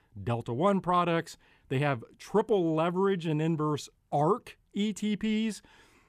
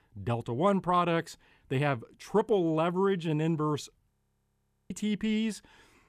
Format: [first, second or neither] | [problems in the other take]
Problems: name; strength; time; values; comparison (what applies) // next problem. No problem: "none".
first | audio freezing; at 4 s for 1 s